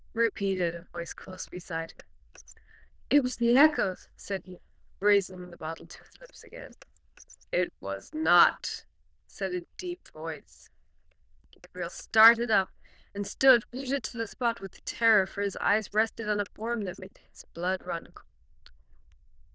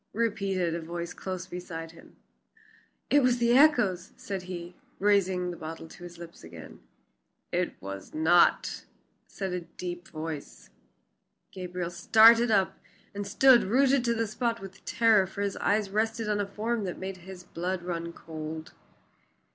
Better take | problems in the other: second | noise reduction (neural diffusion model UNIVERSE++)

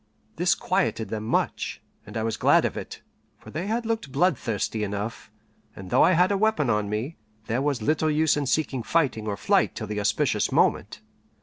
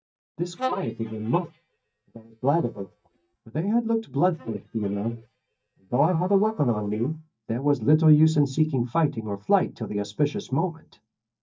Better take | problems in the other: first | noise reduction (neural mask model DeepFilterNet 3)

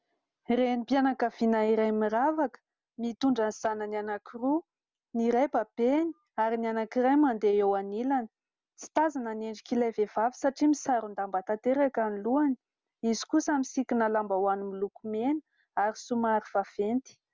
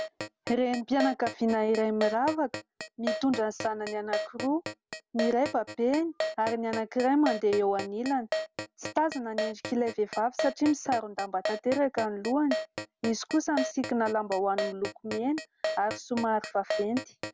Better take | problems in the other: first | background sound (Keyboard (musical)); 8 dB below the speech

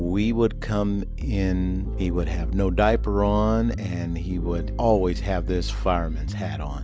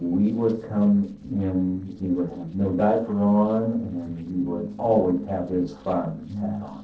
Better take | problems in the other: first | noise reduction (neural separator model SepFormer DNS4)

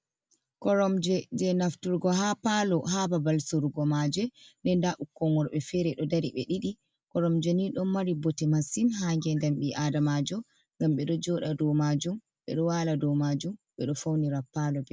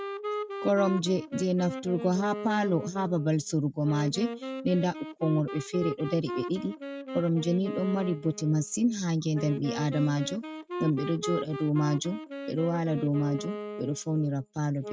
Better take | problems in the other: first | noise reduction (neural mask model RNNoise)

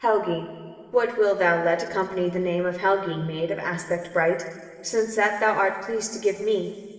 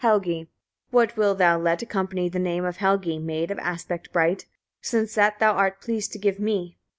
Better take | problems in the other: second | room echo; dies away in 2.6 s

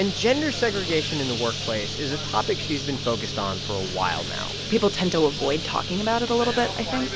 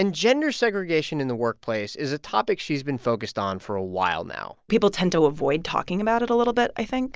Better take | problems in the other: second | background sound (Bird + Microwave oven); 5 dB below the speech

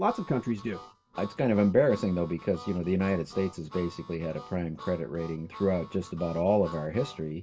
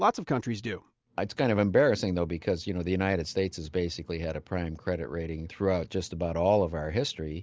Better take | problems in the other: second | background sound (Harmonica); 18 dB below the speech // room echo; dies away in 0.2 s

